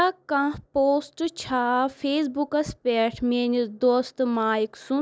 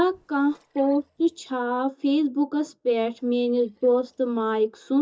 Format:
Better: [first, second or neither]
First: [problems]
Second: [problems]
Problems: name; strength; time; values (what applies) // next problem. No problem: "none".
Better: first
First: none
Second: noise reduction (neural mask model DeepFilterNet 3)